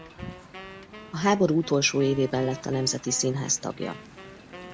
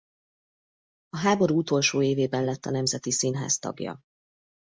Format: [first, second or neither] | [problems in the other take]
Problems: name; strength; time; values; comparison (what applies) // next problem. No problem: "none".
second | background sound (Wind + Wind instrument, woodwind instrument); 16 dB below the speech